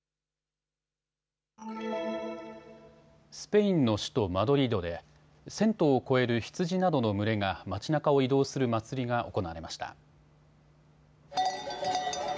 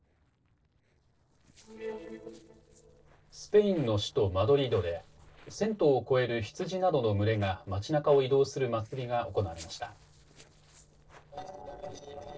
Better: first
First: none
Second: noise reduction (neural separator model SepFormer DNS4)

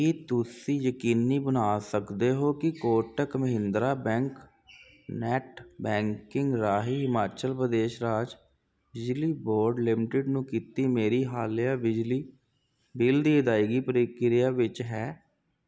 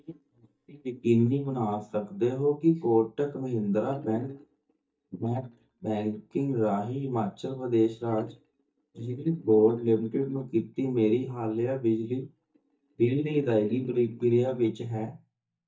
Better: first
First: none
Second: noise reduction (neural mask model DeepFilterNet 3)

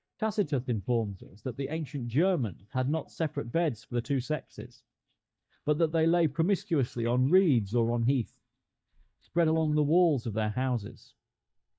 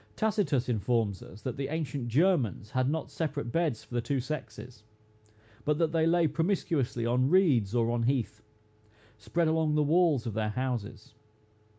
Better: second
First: noise reduction (neural mask model DeepFilterNet 3)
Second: none

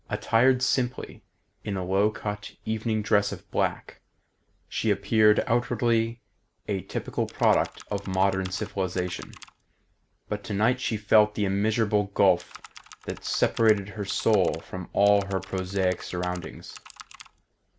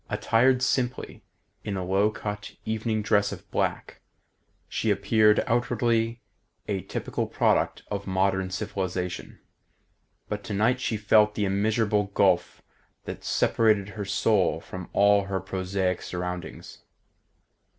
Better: second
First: background sound (Computer keyboard); 20 dB below the speech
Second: none

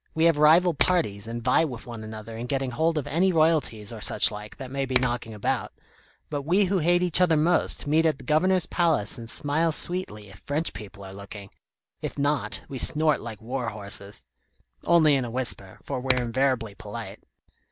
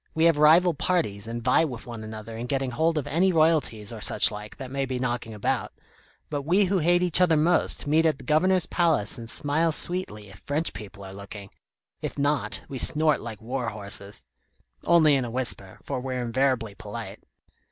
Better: second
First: background sound (Finger snapping); 9 dB below the speech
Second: none

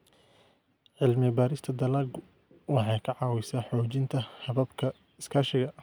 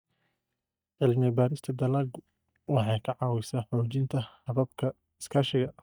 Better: first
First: none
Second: noise reduction (neural mask model DeepFilterNet 3)

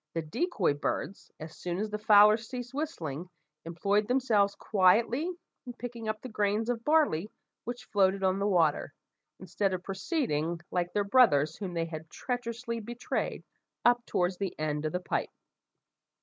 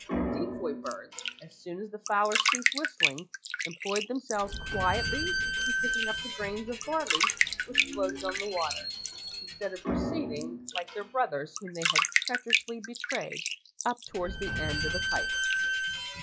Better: first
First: none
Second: noise reduction (classical method log-MMSE)

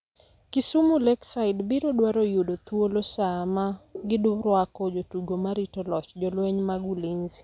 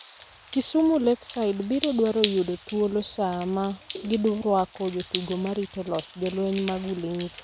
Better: first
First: none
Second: background sound (Drip); 14 dB below the speech

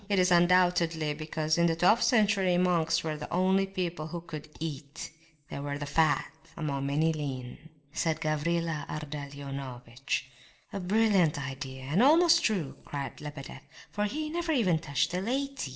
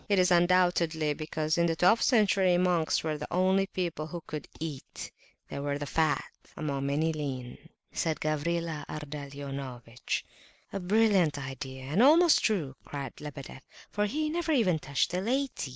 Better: second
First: room echo; dies away in 0.5 s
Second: none

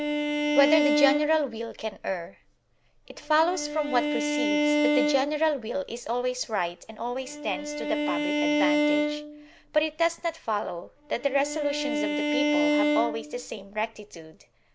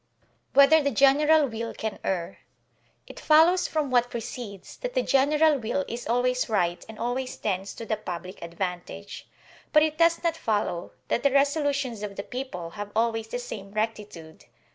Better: second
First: background sound (Bowed string instrument); 1 dB above the speech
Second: none

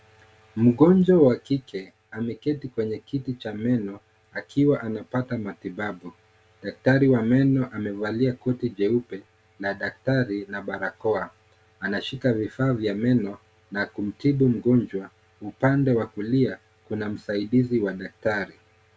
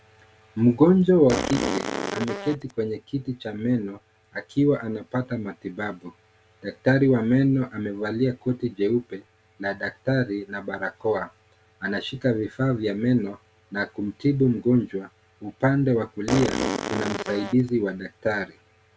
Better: first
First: none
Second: background sound (Fart); 4 dB below the speech

